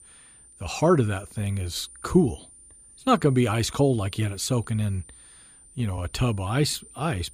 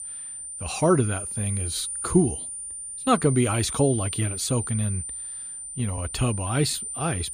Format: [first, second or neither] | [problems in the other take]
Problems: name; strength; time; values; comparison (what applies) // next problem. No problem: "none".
first | high-pitched whine; loud; throughout; 9 kHz, 6 dB below the speech; faint in the first